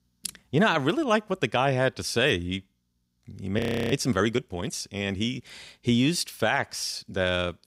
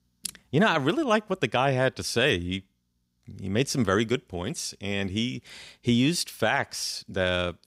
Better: second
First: audio freezing; at 3.5 s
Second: none

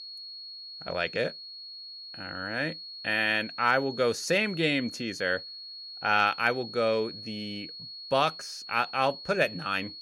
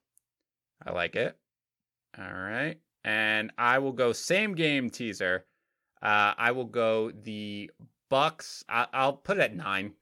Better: second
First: high-pitched whine; noticeable; throughout; 4.5 kHz, 10 dB below the speech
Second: none

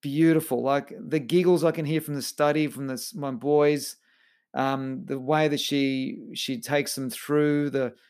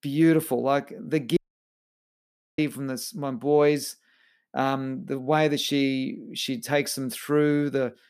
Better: first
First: none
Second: audio cutting out; at 1.5 s for 1 s

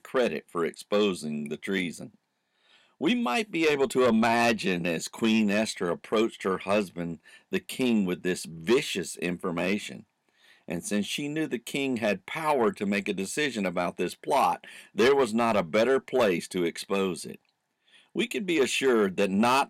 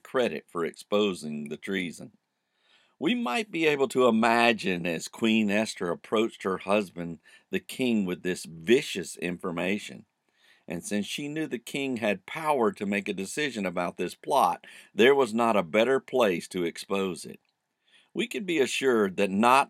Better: second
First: distortion; slight; 10 dB below the speech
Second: none

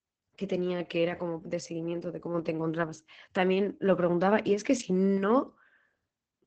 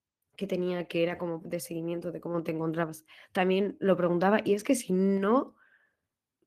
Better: second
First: garbled, watery; badly; nothing above 8 kHz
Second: garbled, watery; slightly; nothing above 14.5 kHz

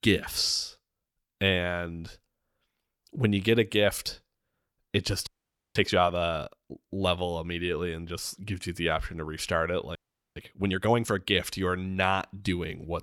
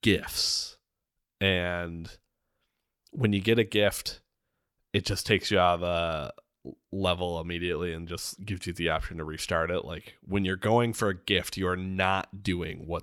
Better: second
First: audio freezing; at 5.5 s and at 10 s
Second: none

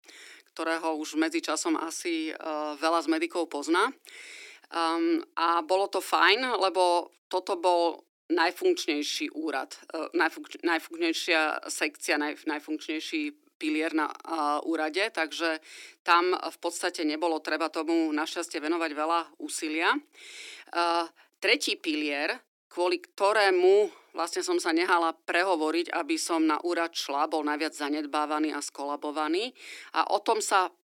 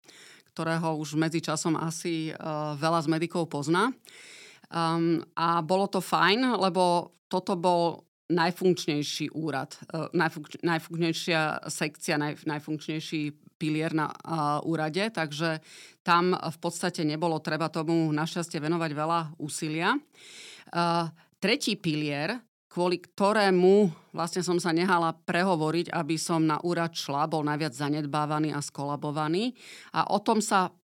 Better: second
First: thin; somewhat; fading below 300 Hz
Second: none

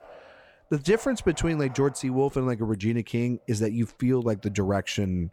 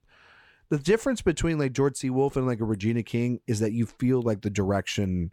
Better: second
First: animal sounds; faint; throughout; 20 dB below the speech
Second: none

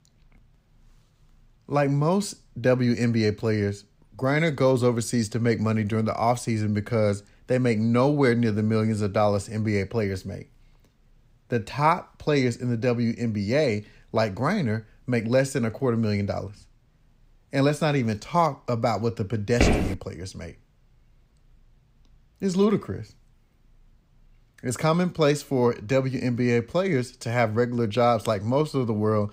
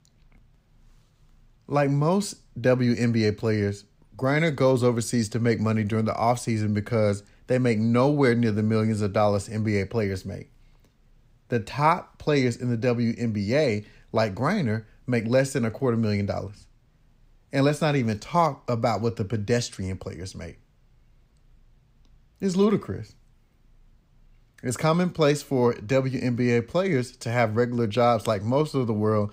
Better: second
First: footsteps; loud; at 20 s; peak 2 dB above the speech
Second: none

